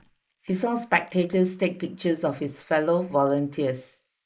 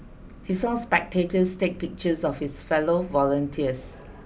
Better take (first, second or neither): second